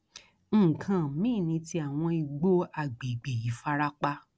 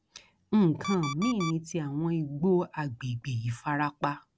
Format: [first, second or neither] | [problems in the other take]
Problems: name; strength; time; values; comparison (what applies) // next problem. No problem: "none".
first | background sound (Alarm); 10 dB below the speech